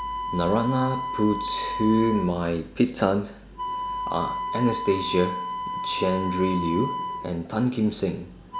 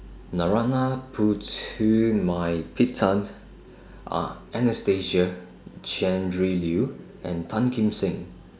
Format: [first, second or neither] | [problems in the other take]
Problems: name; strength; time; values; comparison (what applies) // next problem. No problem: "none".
second | background sound (Wind instrument, woodwind instrument); 6 dB below the speech